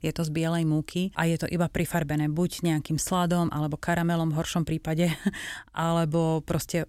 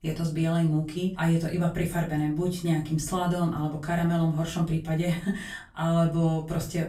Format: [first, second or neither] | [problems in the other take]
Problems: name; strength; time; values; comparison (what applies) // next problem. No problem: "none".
first | room echo; slight; dies away in 0.3 s // off-mic speech; far